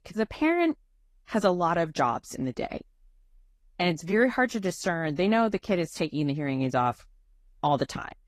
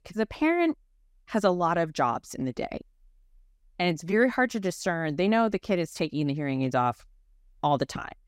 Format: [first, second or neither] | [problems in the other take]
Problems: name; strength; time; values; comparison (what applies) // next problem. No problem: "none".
second | garbled, watery; slightly; nothing above 14.5 kHz